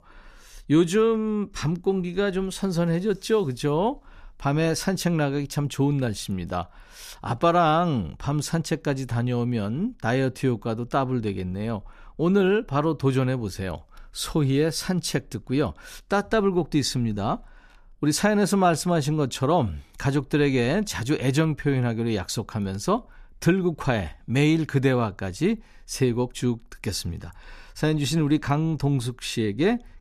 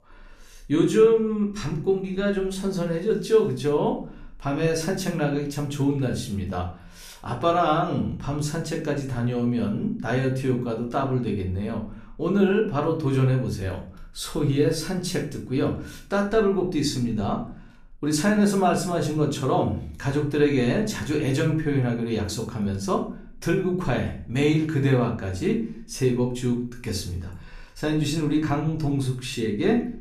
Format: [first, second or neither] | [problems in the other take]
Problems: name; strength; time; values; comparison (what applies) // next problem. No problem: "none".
first | room echo; slight; dies away in 0.4 s // off-mic speech; somewhat distant